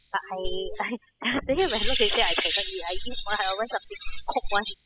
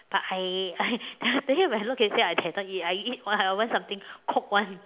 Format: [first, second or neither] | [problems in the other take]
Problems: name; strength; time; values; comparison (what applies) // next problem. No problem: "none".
second | noise reduction (classical method spectral subtraction)